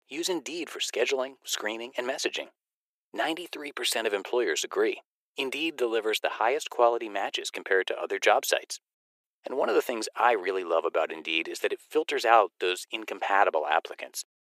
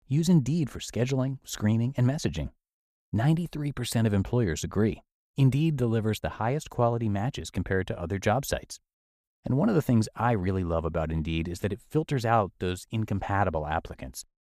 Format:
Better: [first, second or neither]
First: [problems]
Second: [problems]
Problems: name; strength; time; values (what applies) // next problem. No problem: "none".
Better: second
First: thin; very; fading below 350 Hz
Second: none